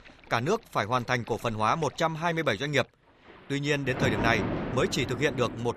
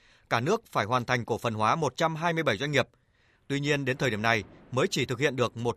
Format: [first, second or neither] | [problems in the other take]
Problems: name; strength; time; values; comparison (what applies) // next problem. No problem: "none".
second | rain or running water; loud; throughout; 5 dB below the speech; faint in the second